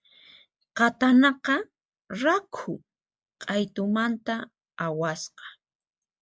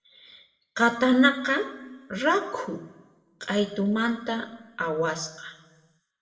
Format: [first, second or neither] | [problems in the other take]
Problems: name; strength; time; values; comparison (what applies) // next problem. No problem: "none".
first | room echo; dies away in 0.9 s